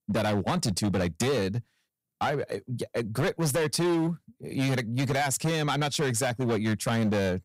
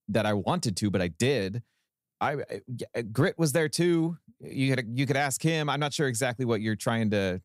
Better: second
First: distortion; heavy; 16% of the sound clipped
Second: none

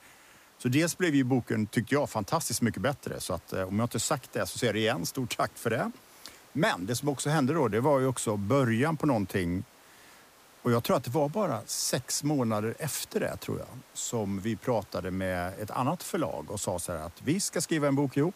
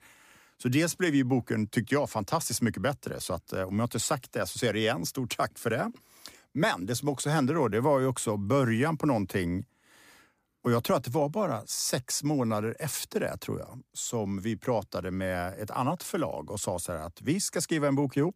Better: second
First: hiss; faint; throughout; 25 dB below the speech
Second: none

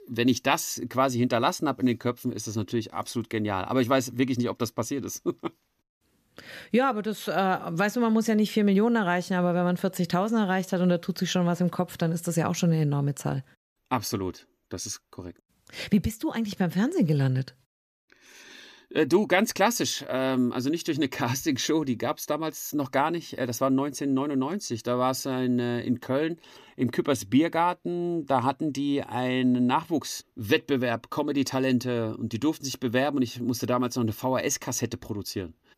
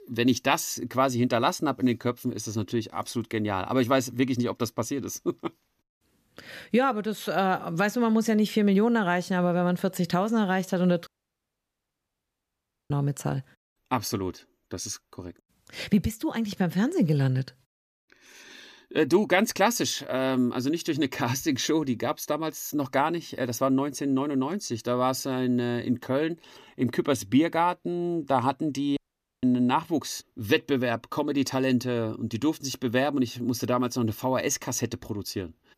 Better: first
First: none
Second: audio cutting out; at 11 s for 2 s and at 29 s

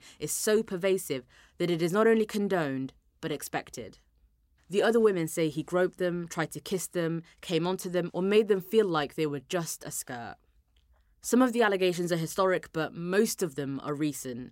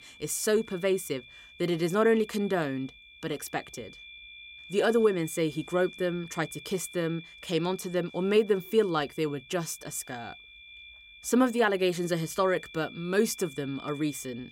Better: first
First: none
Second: high-pitched whine; noticeable; throughout; 2.5 kHz, 20 dB below the speech

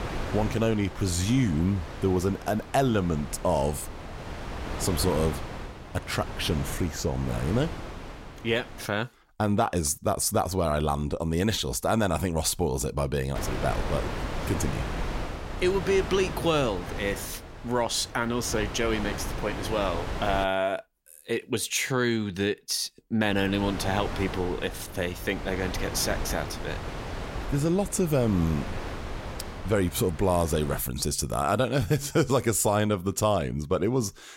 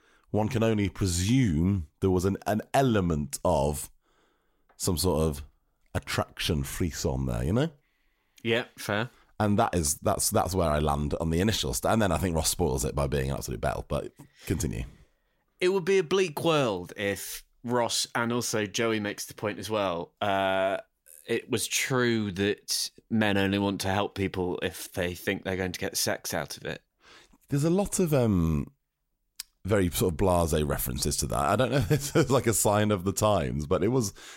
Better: second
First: wind noise on the microphone; heavy; until 9 s, from 13 to 20 s and from 23 to 31 s; 9 dB below the speech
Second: none

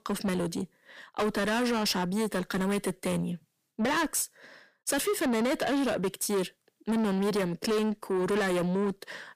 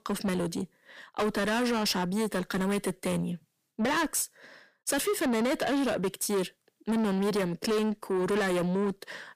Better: neither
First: distortion; heavy; 6 dB below the speech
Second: distortion; heavy; 6 dB below the speech

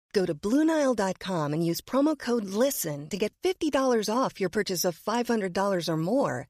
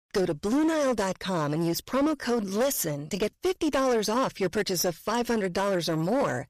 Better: first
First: none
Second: distortion; slight; 15% of the sound clipped

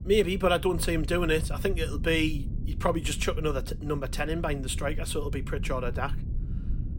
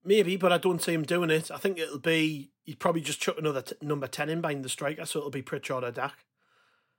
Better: second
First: low rumble; noticeable; throughout; 20 dB below the speech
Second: none

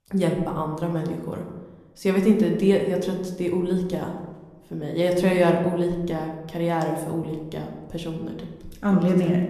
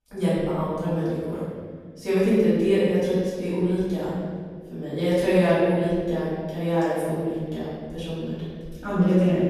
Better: first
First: room echo; slight; dies away in 0.9 s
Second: room echo; strong; dies away in 1.7 s // off-mic speech; far

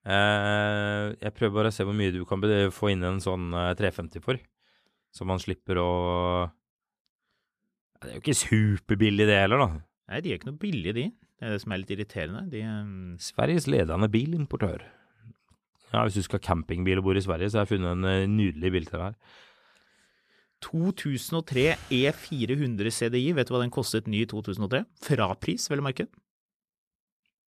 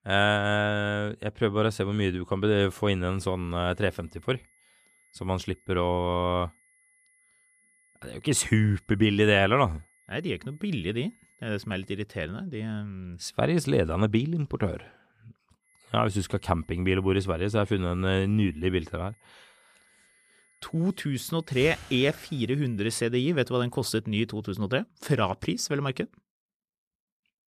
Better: first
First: none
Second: high-pitched whine; faint; from 3 to 12 s and from 16 to 23 s; 2 kHz, 35 dB below the speech

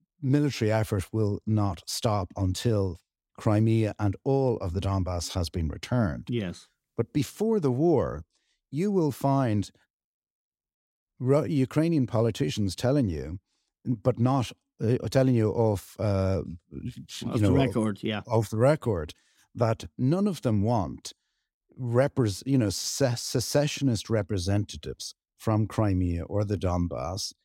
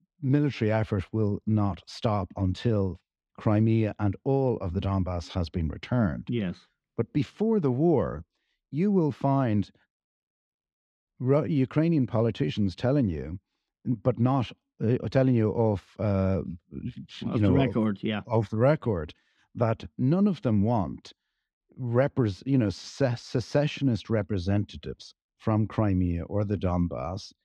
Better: first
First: none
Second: muffled; slightly; fading above 3 kHz

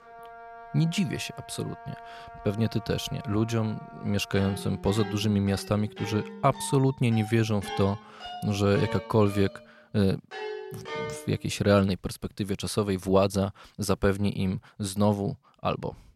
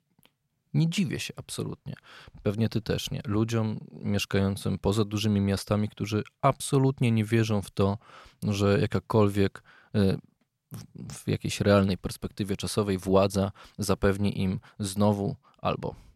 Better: second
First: background music; noticeable; until 11 s; 15 dB below the speech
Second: none

